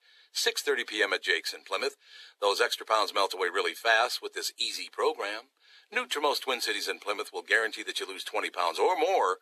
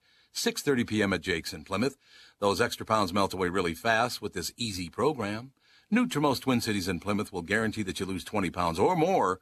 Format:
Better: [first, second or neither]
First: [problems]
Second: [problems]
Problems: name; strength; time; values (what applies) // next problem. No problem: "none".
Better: second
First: thin; very; fading below 400 Hz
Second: none